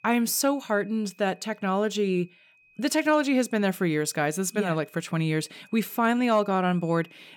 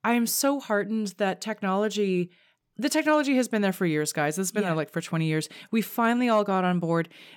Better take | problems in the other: second | high-pitched whine; faint; throughout; 2.5 kHz, 30 dB below the speech

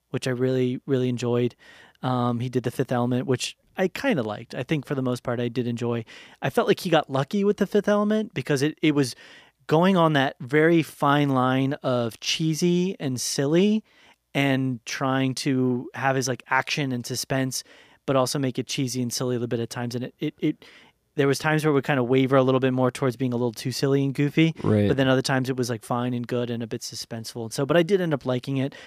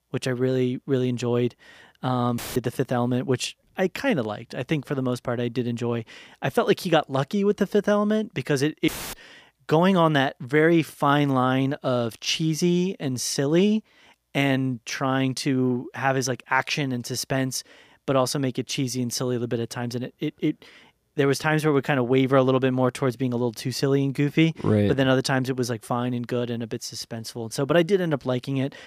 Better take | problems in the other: first | audio cutting out; filled with static; at 2.5 s and at 9 s

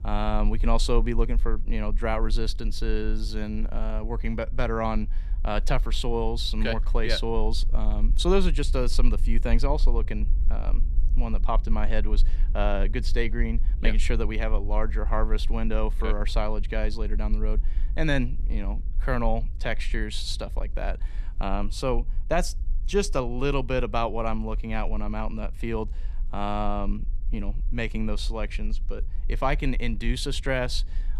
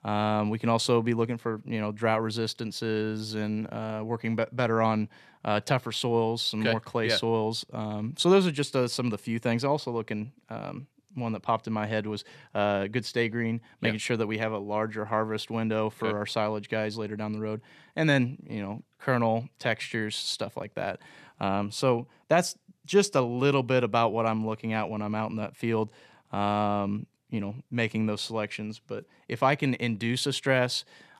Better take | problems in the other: second | low rumble; faint; throughout; 25 dB below the speech

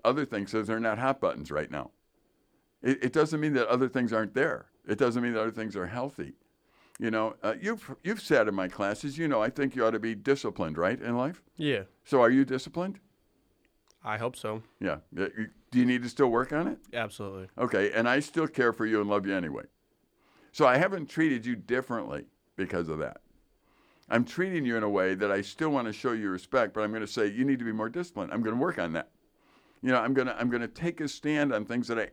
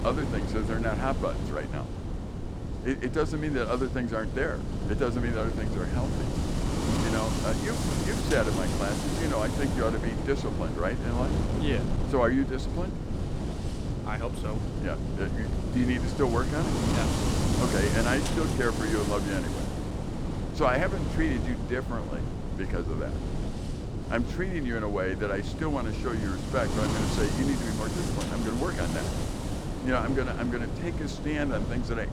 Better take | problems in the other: first | wind noise on the microphone; heavy; 4 dB below the speech

